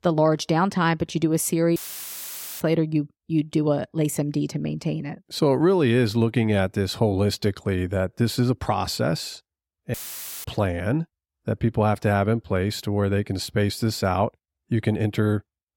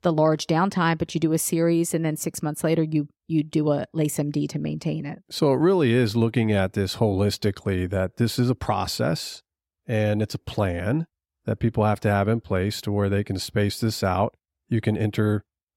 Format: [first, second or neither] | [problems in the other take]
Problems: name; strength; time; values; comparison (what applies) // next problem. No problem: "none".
second | audio cutting out; filled with static; at 2 s for 1 s and at 10 s for 0.5 s